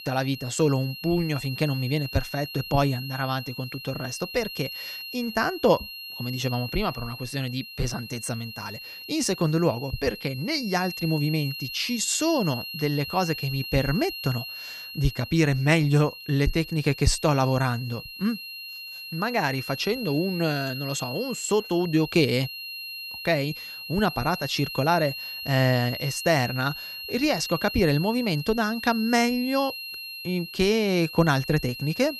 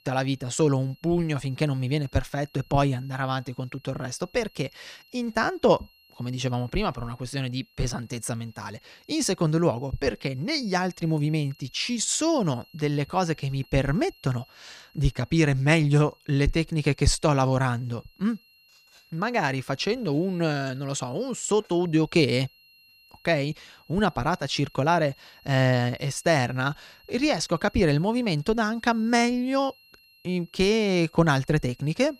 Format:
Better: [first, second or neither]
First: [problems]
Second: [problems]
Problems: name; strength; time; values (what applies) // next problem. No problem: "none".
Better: second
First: high-pitched whine; loud; throughout; 3 kHz, 9 dB below the speech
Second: high-pitched whine; faint; throughout; 3 kHz, 30 dB below the speech